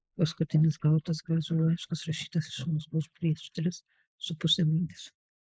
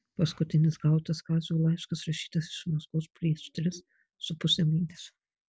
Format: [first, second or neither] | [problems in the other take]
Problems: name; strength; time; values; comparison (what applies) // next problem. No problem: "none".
second | noise reduction (neural mask model Resemble Enhance denoiser)